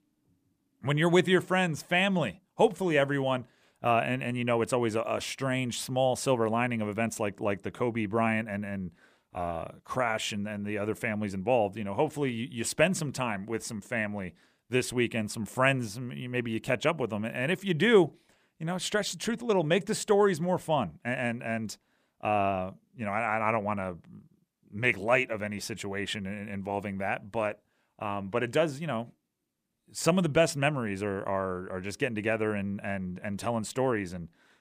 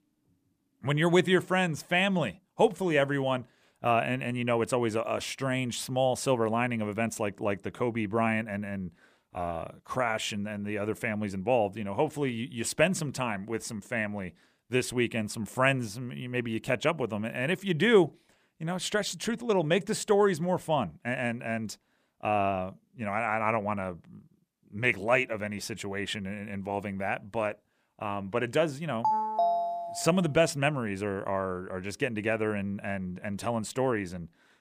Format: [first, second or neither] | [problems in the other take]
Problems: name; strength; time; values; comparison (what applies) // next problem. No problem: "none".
first | phone ringing; loud; from 29 to 30 s; peak 2 dB above the speech